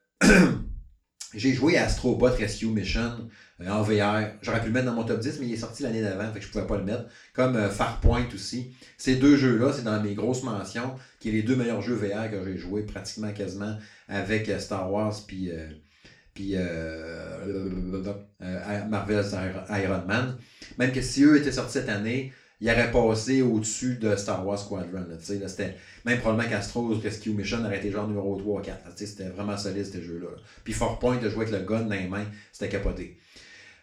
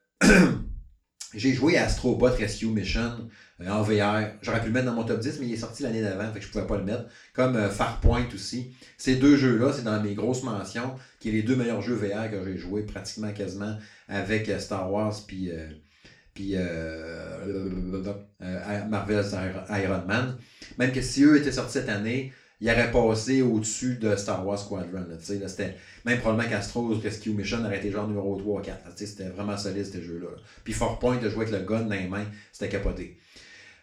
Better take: neither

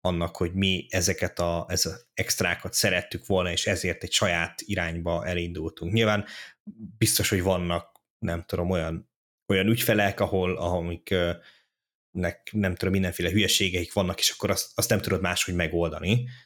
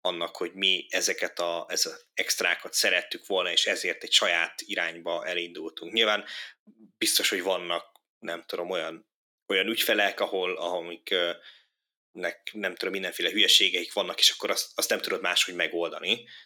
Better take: first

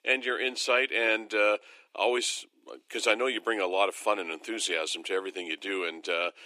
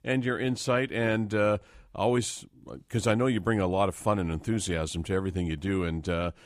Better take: second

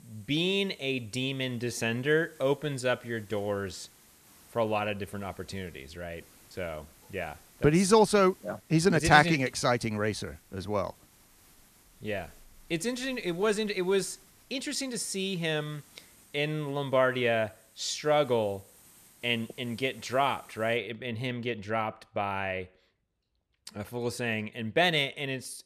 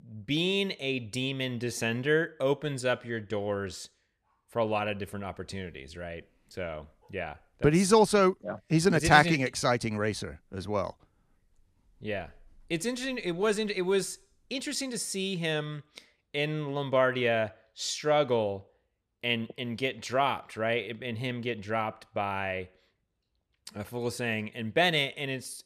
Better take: second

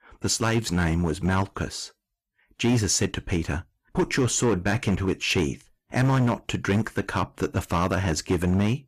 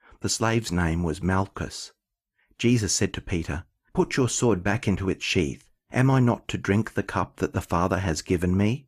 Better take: second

